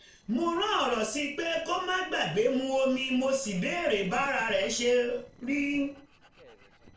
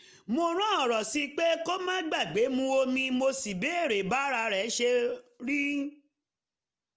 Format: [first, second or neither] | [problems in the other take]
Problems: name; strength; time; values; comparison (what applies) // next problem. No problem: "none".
second | noise reduction (neural separator model SepFormer DNS4)